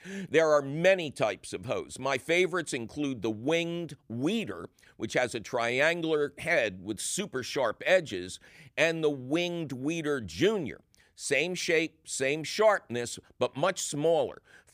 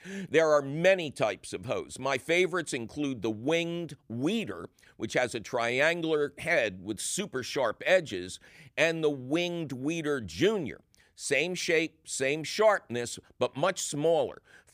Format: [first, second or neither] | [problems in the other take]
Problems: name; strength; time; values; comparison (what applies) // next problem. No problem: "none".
neither | none